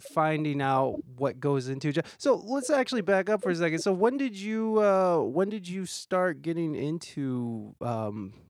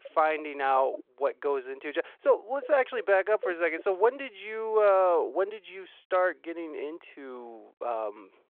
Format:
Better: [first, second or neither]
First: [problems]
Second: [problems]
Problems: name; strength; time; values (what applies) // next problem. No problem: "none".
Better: first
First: none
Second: phone-call audio